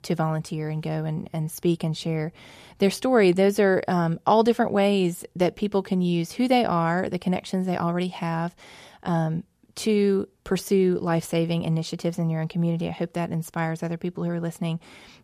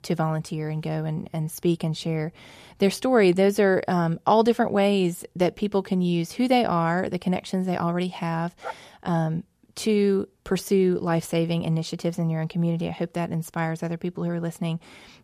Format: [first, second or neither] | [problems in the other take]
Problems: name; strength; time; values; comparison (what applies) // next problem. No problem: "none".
first | dog barking; faint; at 8.5 s; peak 15 dB below the speech